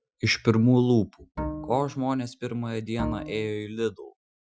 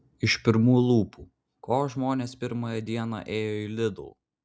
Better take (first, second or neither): second